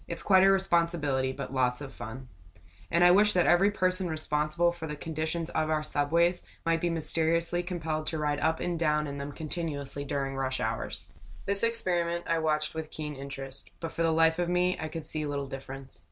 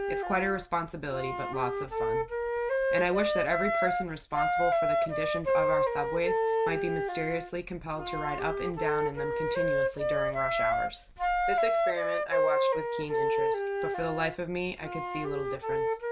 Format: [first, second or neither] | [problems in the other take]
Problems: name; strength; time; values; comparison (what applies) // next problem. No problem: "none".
first | background sound (Wind instrument, woodwind instrument); 4 dB above the speech